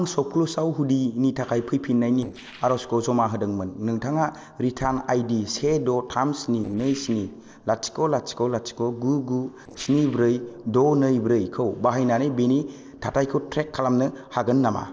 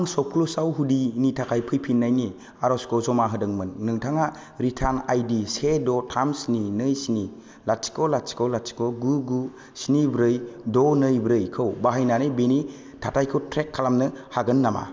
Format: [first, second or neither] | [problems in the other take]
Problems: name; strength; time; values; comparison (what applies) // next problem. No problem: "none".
second | noise reduction (neural separator model SepFormer DNS4)